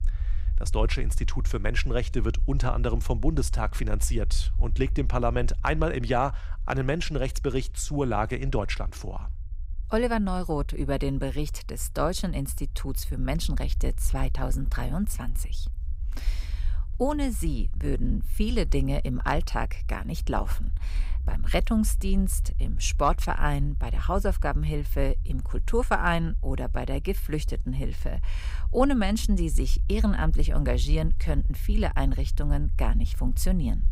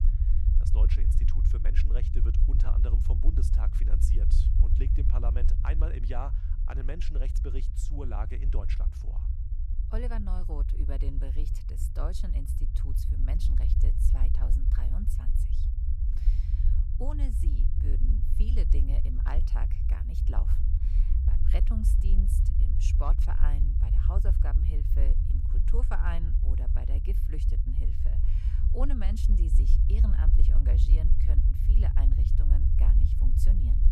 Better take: first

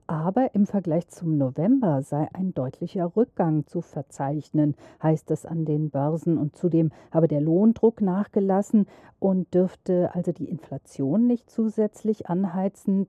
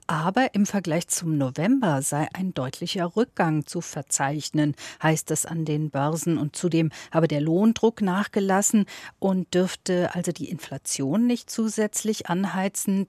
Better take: second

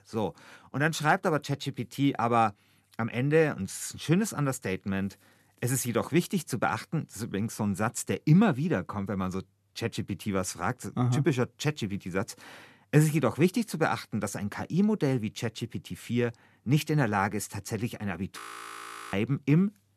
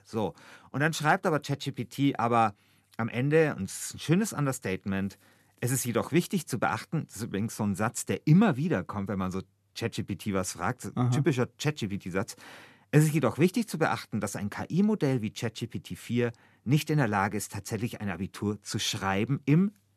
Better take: second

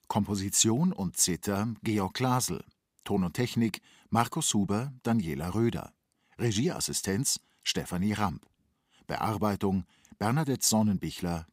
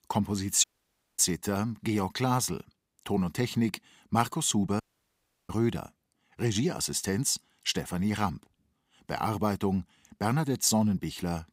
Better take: first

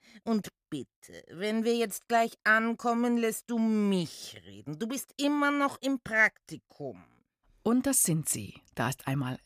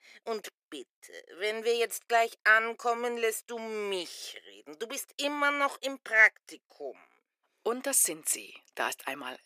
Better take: first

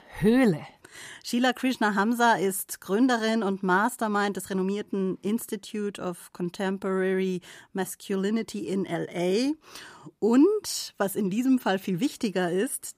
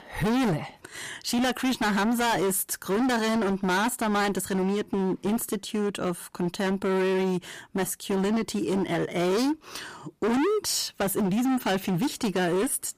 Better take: first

